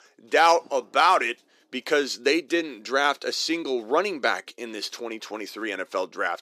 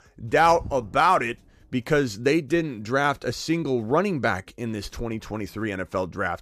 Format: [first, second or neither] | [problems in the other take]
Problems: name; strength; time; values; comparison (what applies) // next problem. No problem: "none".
second | thin; somewhat; fading below 300 Hz